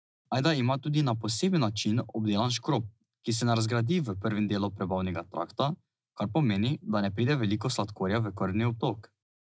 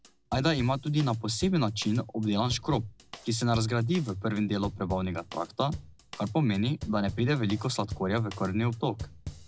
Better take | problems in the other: first | background sound (Drum kit); 15 dB below the speech

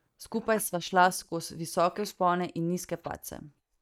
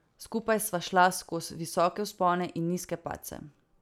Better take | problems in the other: second | noise reduction (neural mask model DeepFilterNet 3)

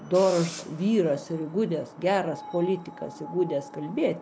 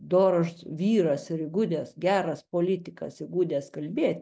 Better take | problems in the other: second | background sound (Screech); 16 dB below the speech

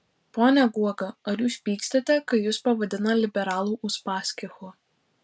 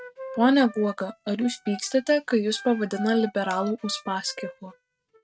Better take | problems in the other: first | noise reduction (neural mask model RNNoise)

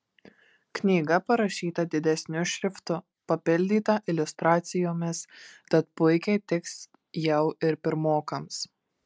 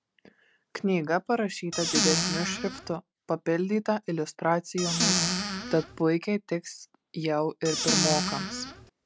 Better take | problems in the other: first | background sound (Squeak / Cupboard open or close); 1 dB above the speech

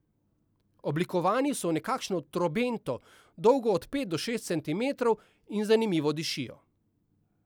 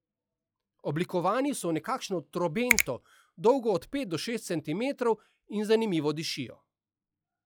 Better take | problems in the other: first | noise reduction (classical method log-MMSE)

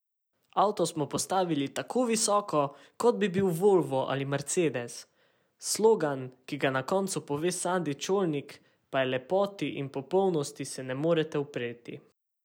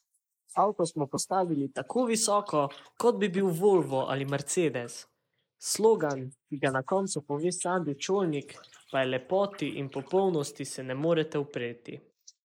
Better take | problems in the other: first | noise reduction (neural mask model Resemble Enhance denoiser)

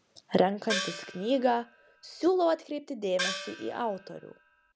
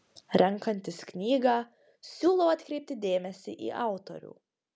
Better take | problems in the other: second | background sound (Gong); 8 dB below the speech

